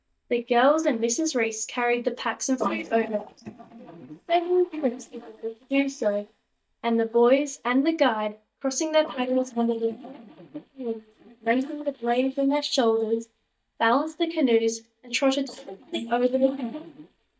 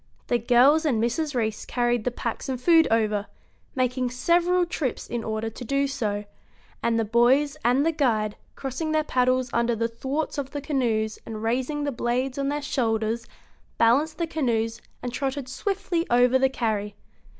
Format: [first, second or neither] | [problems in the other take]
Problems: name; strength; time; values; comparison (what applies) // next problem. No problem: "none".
second | noise reduction (neural mask model DeepFilterNet 3)